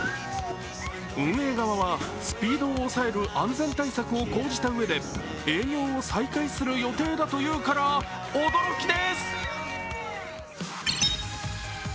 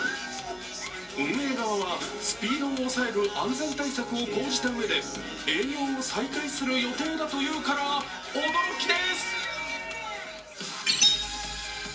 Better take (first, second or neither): first